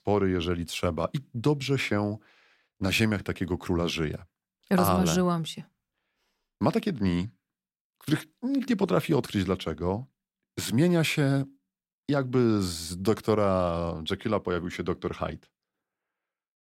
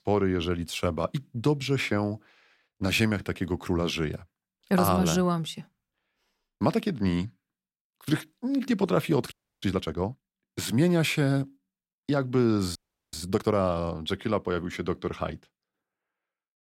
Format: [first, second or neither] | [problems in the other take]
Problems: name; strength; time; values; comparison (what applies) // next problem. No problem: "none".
first | audio freezing; at 9.5 s and at 13 s